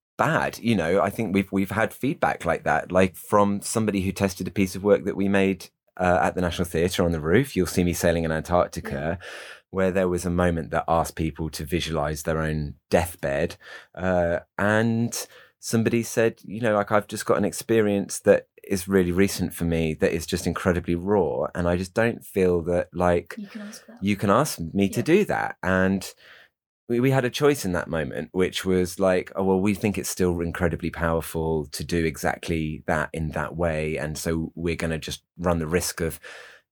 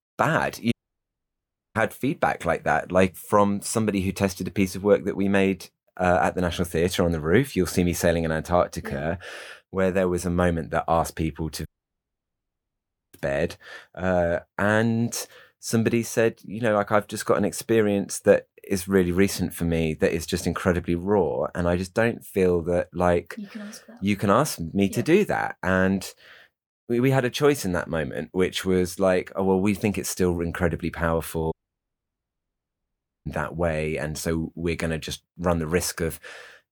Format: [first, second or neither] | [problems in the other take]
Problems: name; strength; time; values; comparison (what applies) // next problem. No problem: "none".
first | audio cutting out; at 0.5 s for 1 s, at 12 s for 1.5 s and at 32 s for 1.5 s